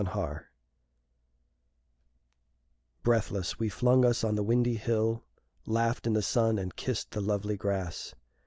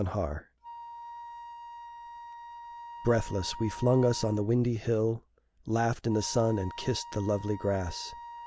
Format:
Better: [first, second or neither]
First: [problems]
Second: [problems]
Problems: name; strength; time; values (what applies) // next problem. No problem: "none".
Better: first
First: none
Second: background sound (Wind instrument, woodwind instrument); 15 dB below the speech